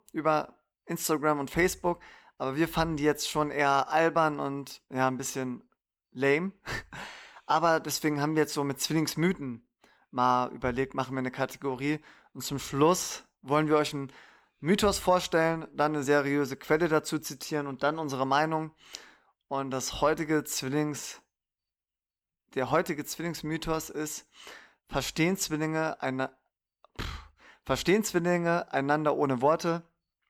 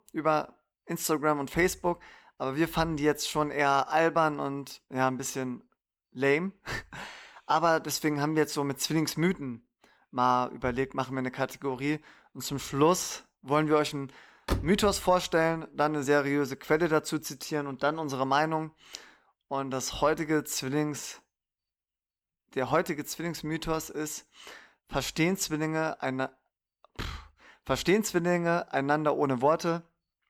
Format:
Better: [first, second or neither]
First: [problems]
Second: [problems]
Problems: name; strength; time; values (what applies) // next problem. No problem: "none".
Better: first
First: none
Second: door banging; noticeable; at 14 s; peak 5 dB below the speech